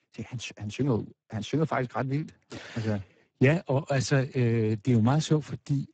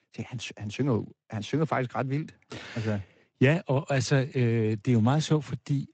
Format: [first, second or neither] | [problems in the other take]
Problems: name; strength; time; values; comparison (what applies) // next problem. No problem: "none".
second | garbled, watery; badly; nothing above 7.5 kHz; slightly in the second